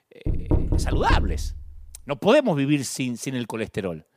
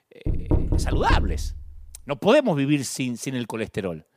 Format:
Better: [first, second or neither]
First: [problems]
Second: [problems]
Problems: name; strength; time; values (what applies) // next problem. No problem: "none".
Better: neither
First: door banging; loud; until 1.5 s; peak level with the speech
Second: door banging; loud; until 1.5 s; peak level with the speech